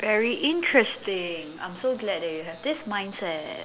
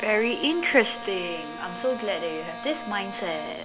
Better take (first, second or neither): first